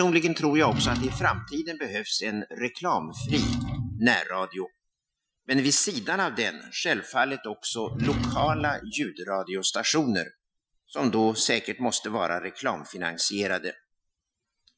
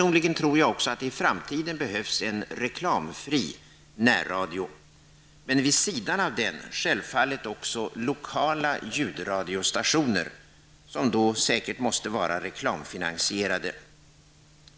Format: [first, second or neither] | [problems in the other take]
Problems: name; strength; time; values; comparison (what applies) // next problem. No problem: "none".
second | noise reduction (classical method Wiener filter)